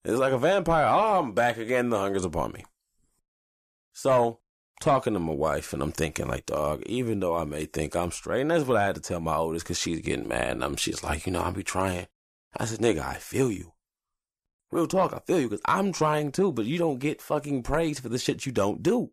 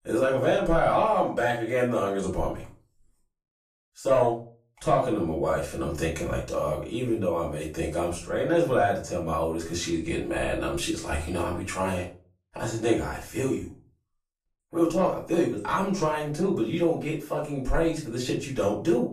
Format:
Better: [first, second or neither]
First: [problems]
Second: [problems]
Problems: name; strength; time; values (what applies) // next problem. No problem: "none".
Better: first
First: none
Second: off-mic speech; far // room echo; slight; dies away in 0.3 s